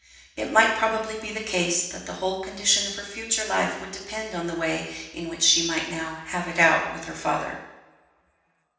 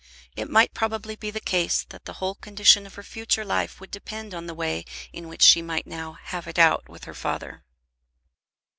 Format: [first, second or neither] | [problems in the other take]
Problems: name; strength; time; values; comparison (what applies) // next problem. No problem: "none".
second | room echo; dies away in 0.9 s